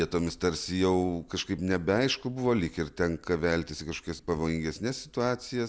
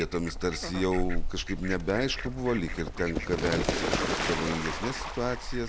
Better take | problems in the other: first | background sound (Fowl); 1 dB below the speech

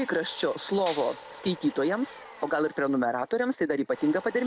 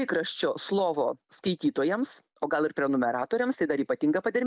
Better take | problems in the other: second | background sound (Domestic sounds, home sounds + Clapping); 18 dB below the speech

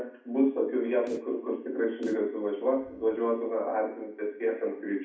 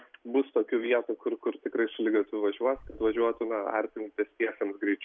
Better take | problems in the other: second | background sound (Snare drum); 16 dB below the speech // room echo; dies away in 0.6 s

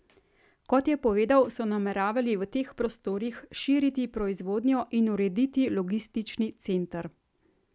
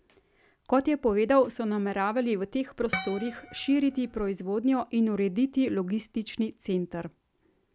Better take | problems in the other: first | background sound (Harp); 10 dB below the speech

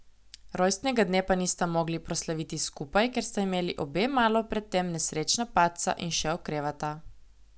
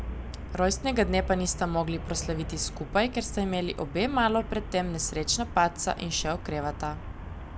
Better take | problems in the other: first | background sound (Traffic noise, roadway noise); 8 dB below the speech

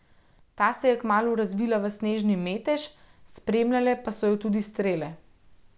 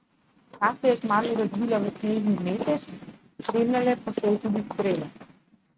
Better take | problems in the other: first | noise reduction (neural mask model RNNoise)

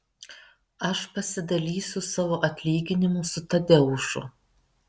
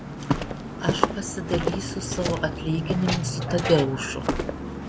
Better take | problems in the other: first | background sound (Walk, footsteps); as loud as the speech

